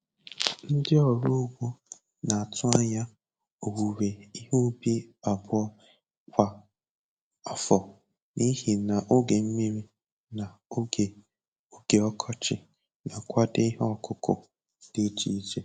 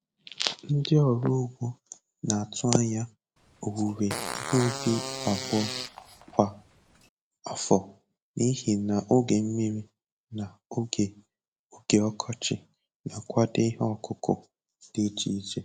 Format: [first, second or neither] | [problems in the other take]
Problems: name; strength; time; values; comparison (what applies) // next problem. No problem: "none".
first | background sound (Fart); 8 dB below the speech